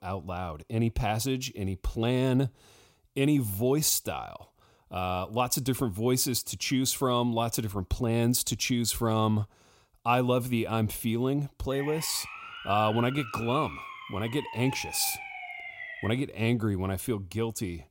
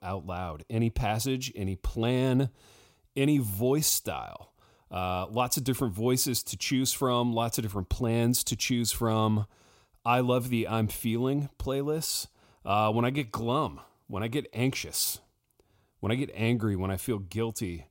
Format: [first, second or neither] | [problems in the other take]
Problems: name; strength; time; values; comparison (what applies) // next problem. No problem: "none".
second | siren; noticeable; from 12 to 16 s; peak 9 dB below the speech